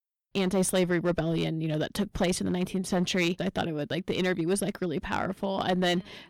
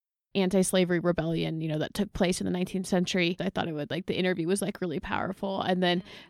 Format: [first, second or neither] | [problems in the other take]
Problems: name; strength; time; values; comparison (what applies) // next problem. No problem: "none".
second | distortion; slight; 5% of the sound clipped